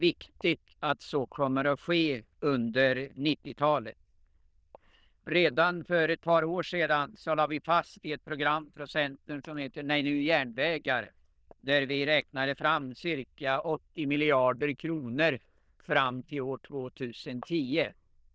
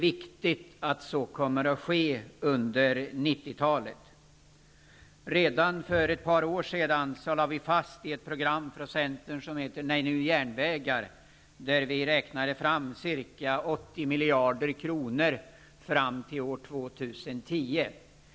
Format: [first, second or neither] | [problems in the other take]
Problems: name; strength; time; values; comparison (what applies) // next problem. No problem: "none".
second | noise reduction (neural diffusion model UNIVERSE++)